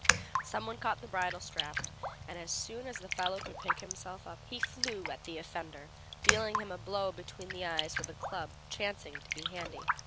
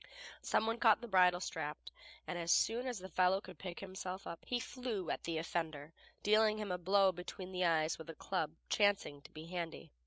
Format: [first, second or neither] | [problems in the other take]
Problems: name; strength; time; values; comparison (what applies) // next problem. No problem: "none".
second | background sound (Raindrop); 2 dB above the speech